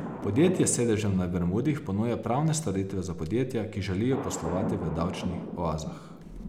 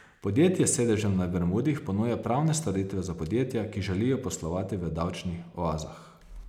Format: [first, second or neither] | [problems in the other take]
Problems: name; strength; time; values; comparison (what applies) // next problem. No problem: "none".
second | background sound (Thunder); 10 dB below the speech